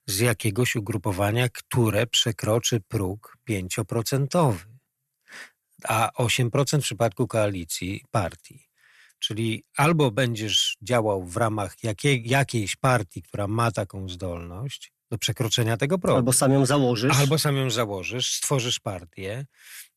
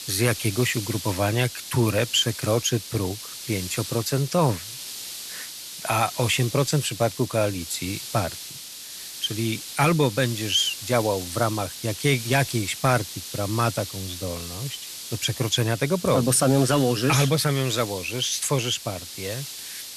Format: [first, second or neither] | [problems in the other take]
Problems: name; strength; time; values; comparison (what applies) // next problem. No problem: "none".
first | hiss; loud; throughout; 10 dB below the speech